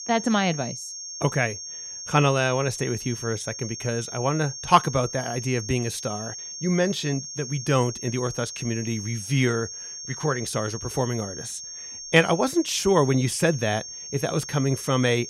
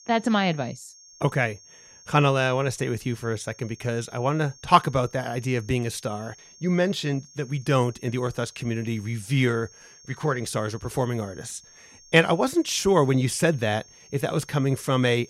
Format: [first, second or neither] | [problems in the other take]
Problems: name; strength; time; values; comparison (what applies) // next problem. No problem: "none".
second | high-pitched whine; loud; throughout; 6.5 kHz, 9 dB below the speech; faint in the second